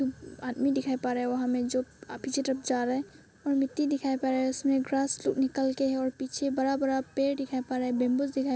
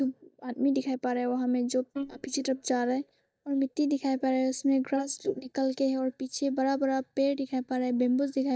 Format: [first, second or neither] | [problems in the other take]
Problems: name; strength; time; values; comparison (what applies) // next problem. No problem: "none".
first | noise reduction (neural mask model DeepFilterNet 3)